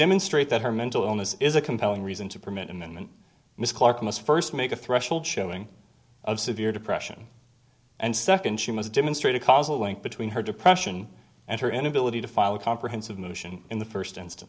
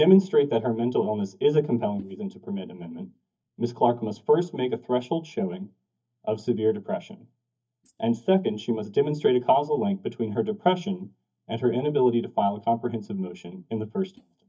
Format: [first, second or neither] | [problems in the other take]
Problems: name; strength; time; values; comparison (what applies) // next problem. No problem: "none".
first | noise reduction (neural mask model DeepFilterNet 3)